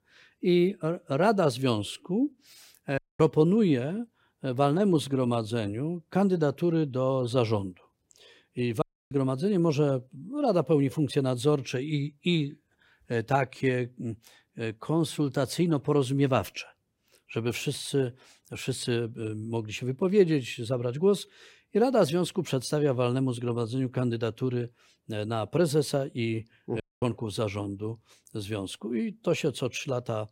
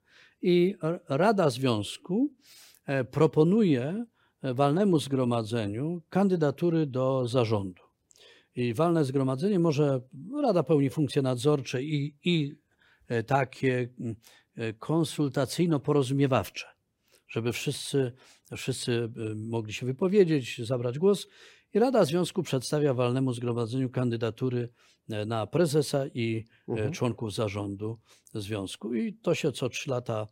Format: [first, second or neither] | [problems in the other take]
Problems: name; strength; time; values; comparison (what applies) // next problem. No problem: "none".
second | audio cutting out; at 3 s, at 9 s and at 27 s